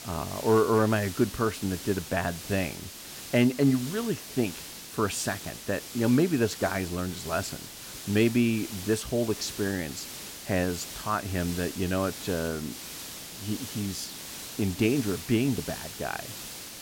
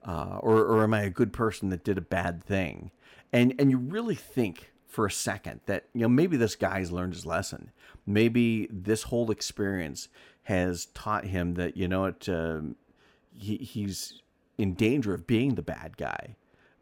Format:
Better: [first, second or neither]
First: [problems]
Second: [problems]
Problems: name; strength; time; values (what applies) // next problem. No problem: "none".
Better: second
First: hiss; noticeable; throughout; 10 dB below the speech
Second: none